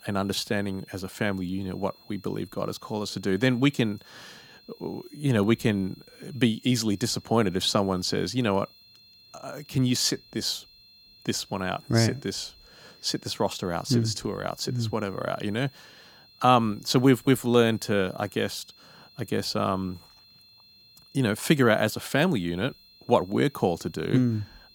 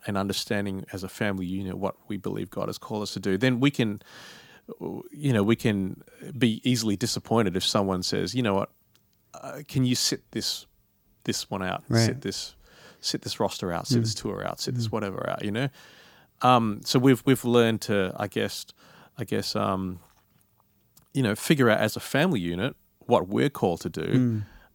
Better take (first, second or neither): second